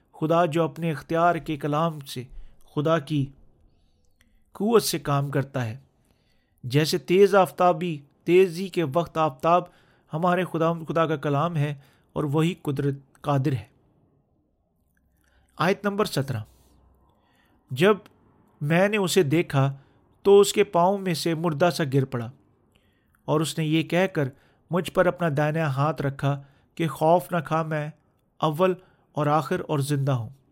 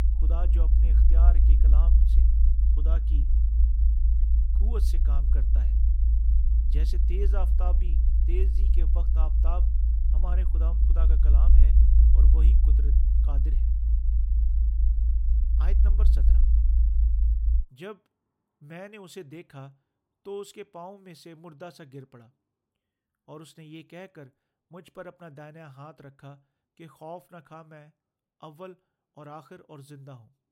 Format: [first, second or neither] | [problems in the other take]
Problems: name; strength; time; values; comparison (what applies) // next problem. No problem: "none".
first | low rumble; loud; until 18 s; 1 dB below the speech